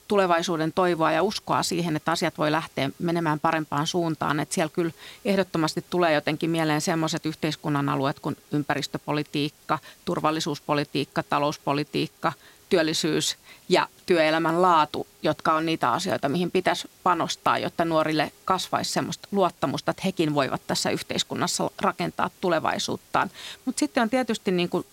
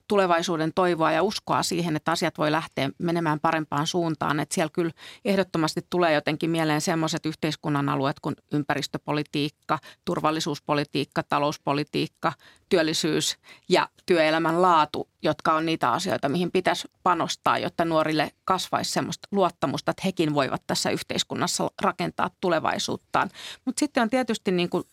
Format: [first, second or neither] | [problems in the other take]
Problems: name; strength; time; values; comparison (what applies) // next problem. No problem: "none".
second | hiss; faint; throughout; 25 dB below the speech